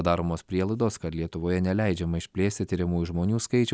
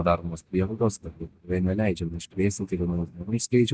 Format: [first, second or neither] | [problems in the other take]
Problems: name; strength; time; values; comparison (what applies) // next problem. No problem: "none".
first | noise reduction (neural mask model DeepFilterNet 3)